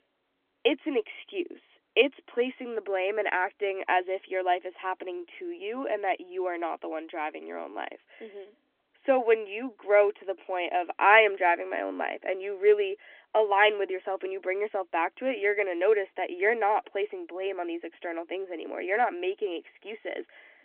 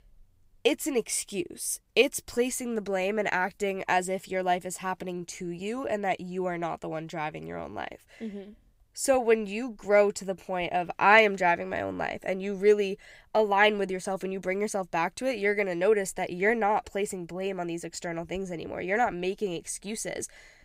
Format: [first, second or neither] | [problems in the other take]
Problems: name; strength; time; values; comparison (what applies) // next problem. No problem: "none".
second | phone-call audio; nothing above 3 kHz